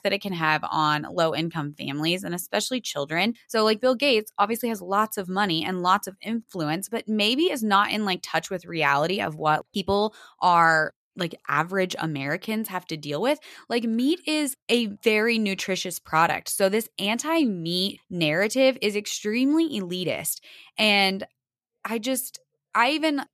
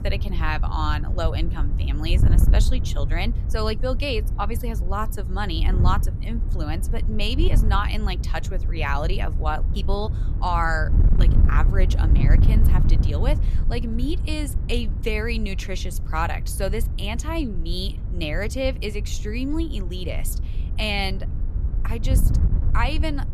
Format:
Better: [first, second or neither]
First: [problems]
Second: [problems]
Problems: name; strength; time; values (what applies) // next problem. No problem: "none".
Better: first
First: none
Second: wind noise on the microphone; occasional gusts; 10 dB below the speech